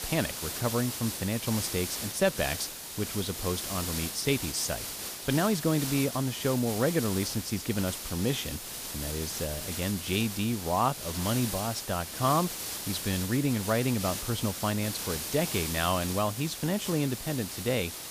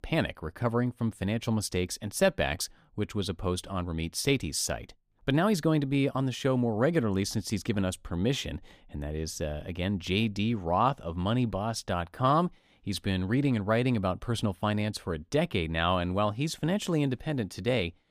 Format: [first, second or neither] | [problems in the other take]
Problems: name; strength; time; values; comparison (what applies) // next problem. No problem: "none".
second | hiss; loud; throughout; 4 dB below the speech